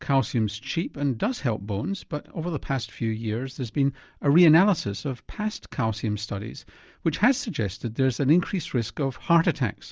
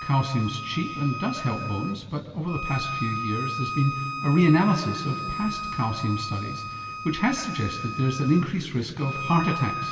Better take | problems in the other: first | background sound (Bowed string instrument); 8 dB below the speech // room echo; dies away in 2.5 s

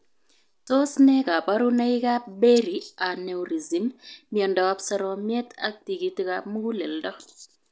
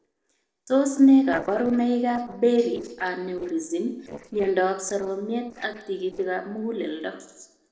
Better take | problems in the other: first | noise reduction (neural separator model SepFormer DNS4)

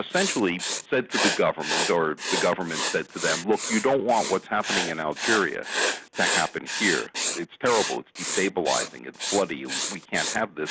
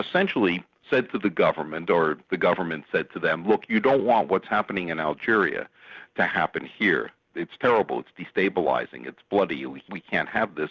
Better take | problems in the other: second | background sound (Writing); 3 dB below the speech

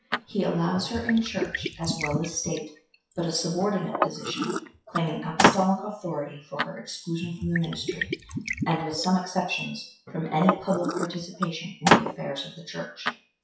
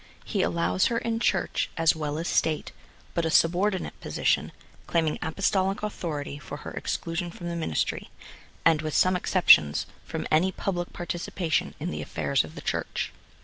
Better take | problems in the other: second | noise reduction (classical method WPE with log-MMSE)

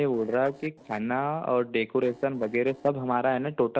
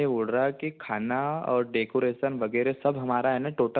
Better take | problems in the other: second | noise reduction (neural separator model SepFormer DNS4)

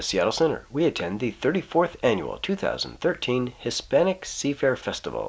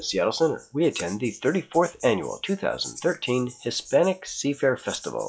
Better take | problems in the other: first | noise reduction (classical method log-MMSE)

